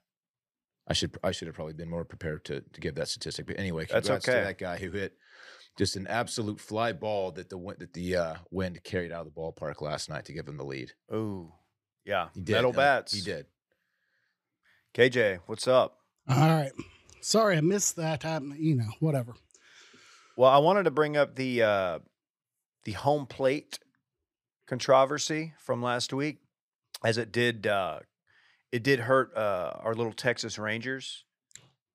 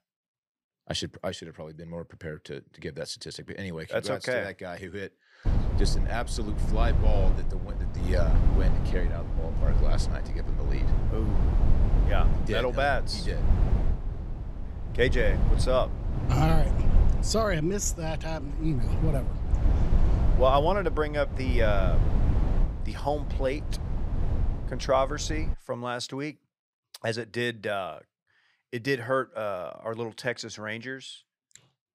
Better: first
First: none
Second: low rumble; noticeable; from 5.5 to 26 s; 10 dB below the speech

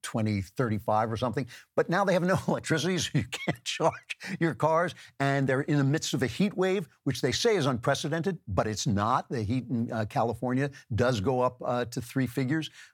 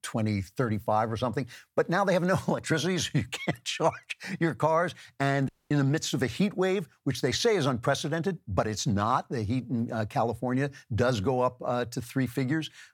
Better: first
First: none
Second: audio cutting out; at 5.5 s

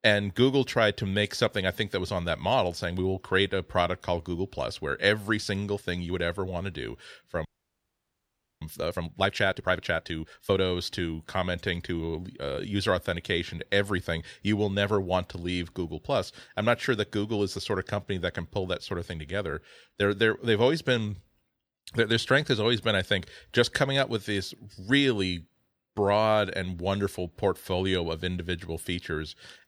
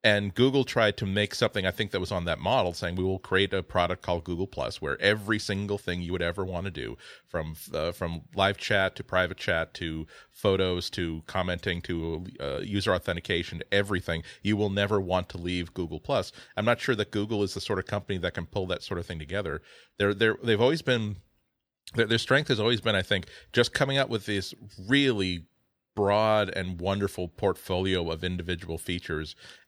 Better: second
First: audio freezing; at 7.5 s for 1 s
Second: none

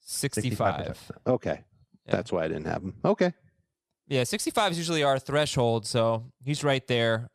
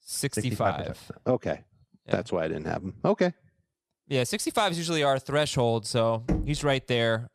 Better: first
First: none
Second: door banging; noticeable; at 6.5 s; peak 3 dB below the speech

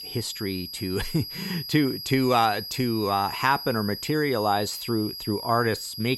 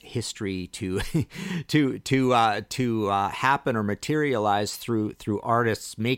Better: second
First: high-pitched whine; loud; throughout; 5 kHz, 8 dB below the speech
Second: none

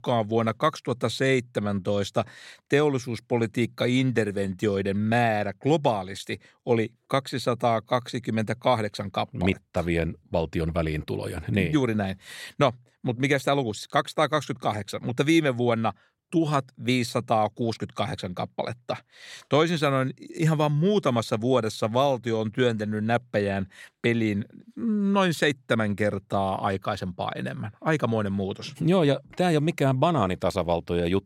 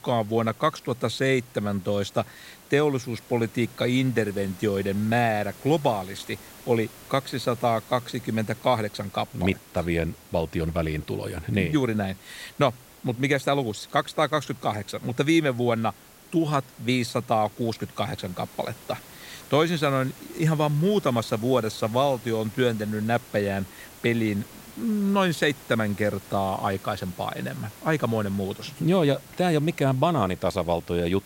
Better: first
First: none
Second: hiss; faint; throughout; 20 dB below the speech

